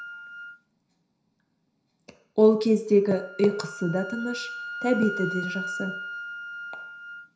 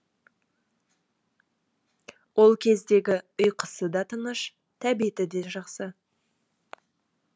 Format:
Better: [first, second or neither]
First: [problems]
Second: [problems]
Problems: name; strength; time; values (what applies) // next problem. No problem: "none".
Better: second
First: background sound (Wind instrument, woodwind instrument); 11 dB below the speech // room echo; dies away in 0.5 s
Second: none